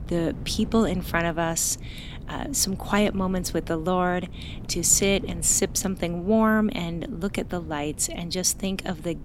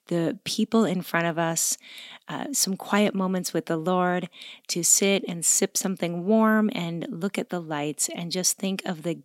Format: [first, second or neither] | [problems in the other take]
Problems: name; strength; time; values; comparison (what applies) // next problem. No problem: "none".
second | wind noise on the microphone; occasional gusts; 20 dB below the speech